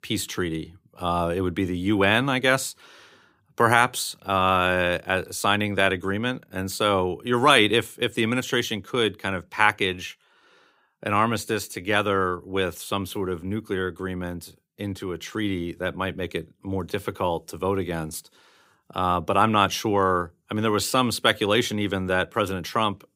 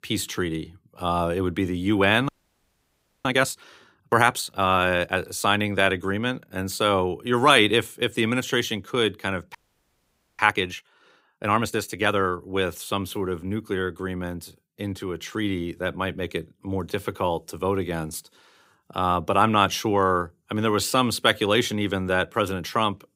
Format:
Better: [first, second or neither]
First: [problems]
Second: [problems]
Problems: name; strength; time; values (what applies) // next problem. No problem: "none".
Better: first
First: none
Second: audio freezing; at 2.5 s for 1 s and at 9.5 s for 1 s